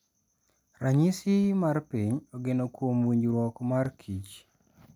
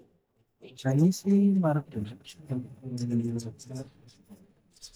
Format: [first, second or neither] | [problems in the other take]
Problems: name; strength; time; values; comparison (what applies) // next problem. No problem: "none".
first | noise reduction (neural mask model DeepFilterNet 3)